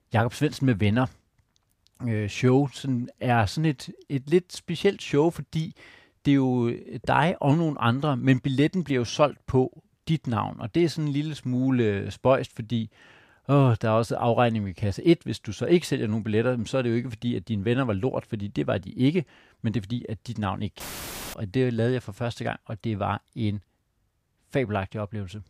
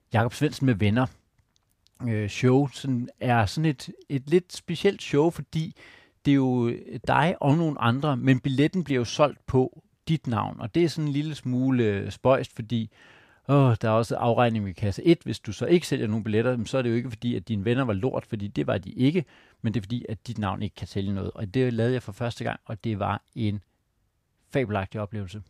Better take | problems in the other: second | audio cutting out; filled with static; at 21 s for 0.5 s

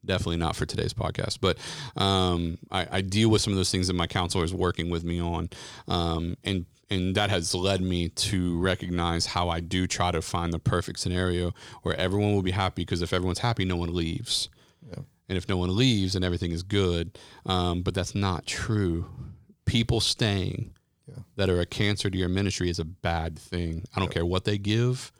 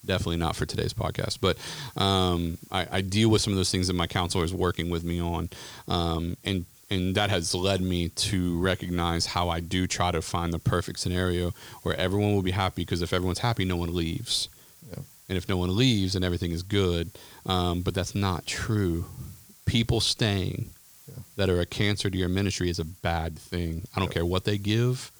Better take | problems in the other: first | hiss; faint; throughout; 25 dB below the speech

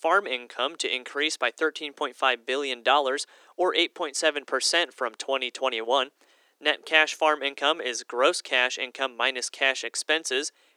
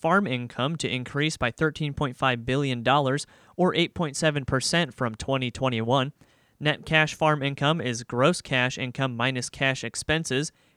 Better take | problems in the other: second | thin; very; fading below 350 Hz

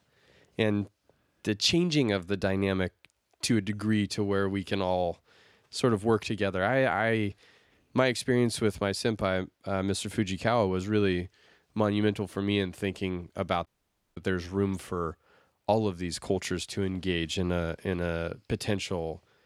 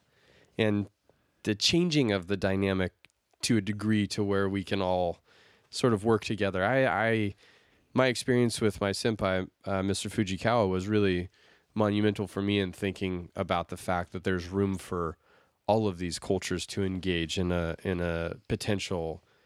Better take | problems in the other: second | audio cutting out; at 14 s for 0.5 s

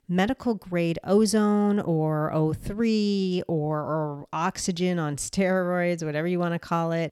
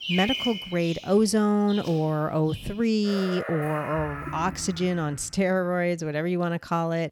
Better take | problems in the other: first | animal sounds; loud; until 5 s; 9 dB below the speech

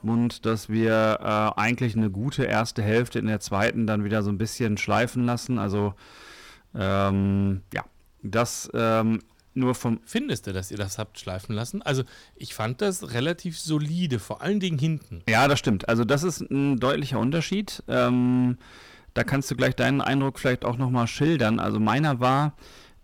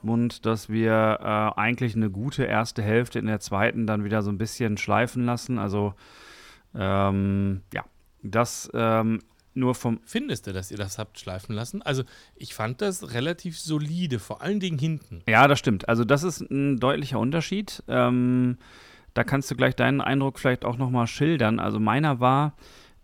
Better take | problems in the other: second | distortion; slight; 4% of the sound clipped

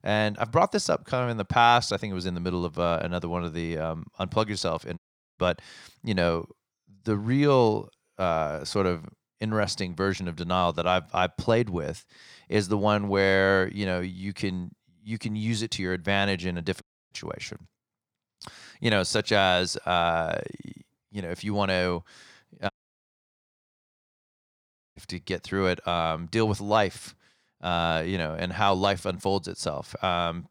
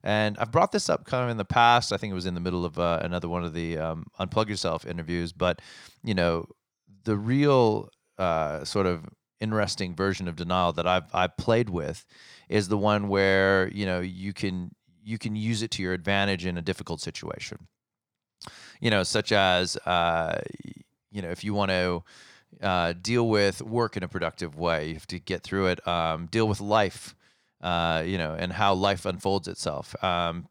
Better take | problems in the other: second | audio cutting out; at 5 s, at 17 s and at 23 s for 2.5 s

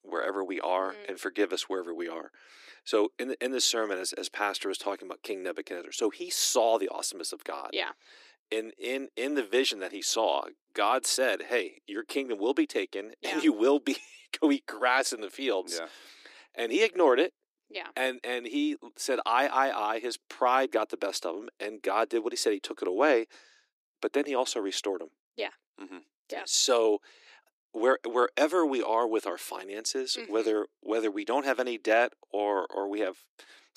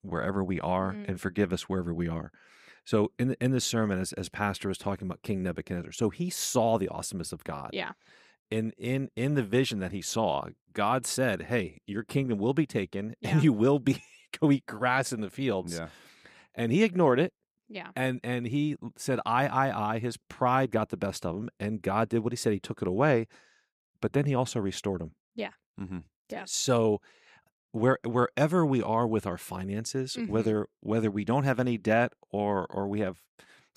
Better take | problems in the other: second | thin; somewhat; fading below 300 Hz

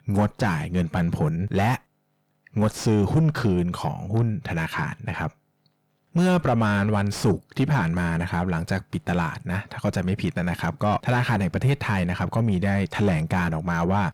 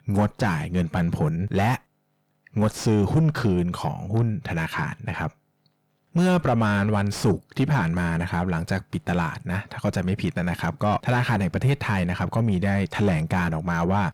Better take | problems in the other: neither | distortion; heavy; 7 dB below the speech; the same in both

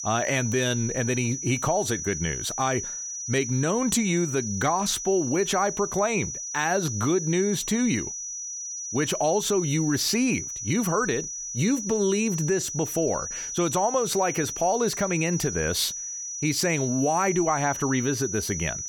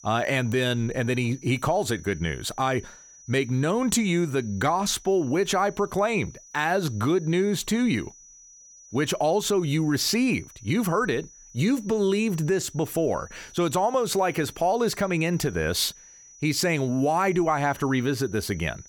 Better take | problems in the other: second | high-pitched whine; loud; throughout; 6 kHz, 5 dB below the speech; faint in the second

